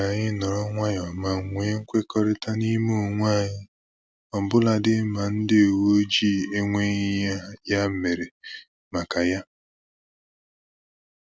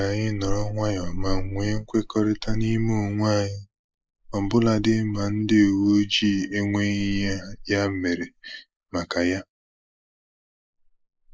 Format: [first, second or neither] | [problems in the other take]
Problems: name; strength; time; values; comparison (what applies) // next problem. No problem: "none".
first | noise reduction (neural mask model Resemble Enhance denoiser)